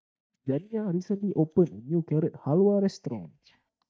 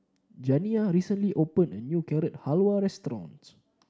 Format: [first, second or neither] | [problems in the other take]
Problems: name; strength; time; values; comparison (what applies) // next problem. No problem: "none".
second | noise reduction (neural mask model DeepFilterNet 3)